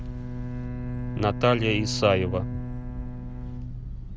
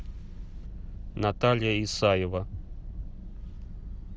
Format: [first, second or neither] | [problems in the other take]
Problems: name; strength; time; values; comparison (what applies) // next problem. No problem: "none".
second | background sound (Bowed string instrument); 6 dB below the speech